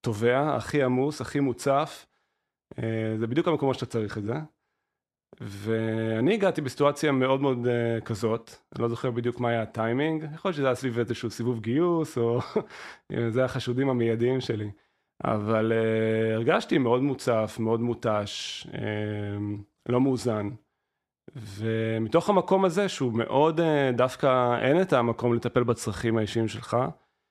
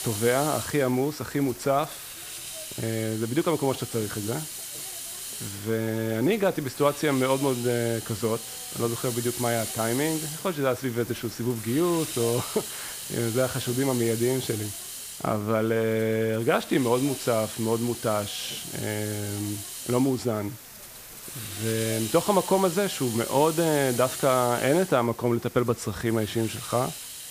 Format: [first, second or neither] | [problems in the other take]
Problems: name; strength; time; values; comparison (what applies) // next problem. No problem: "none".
first | hiss; loud; throughout; 8 dB below the speech